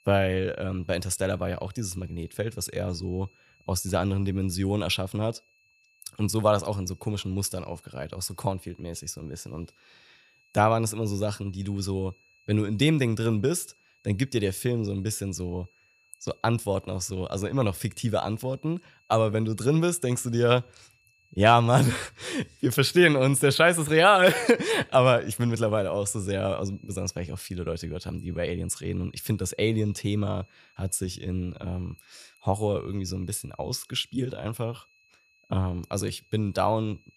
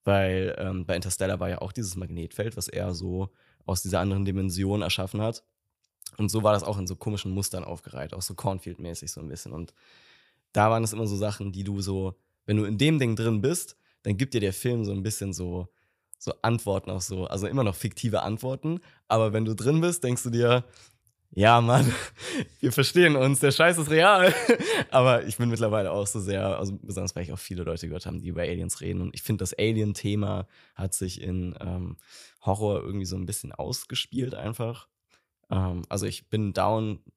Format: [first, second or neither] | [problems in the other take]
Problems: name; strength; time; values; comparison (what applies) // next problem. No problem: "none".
second | high-pitched whine; faint; throughout; 2.5 kHz, 35 dB below the speech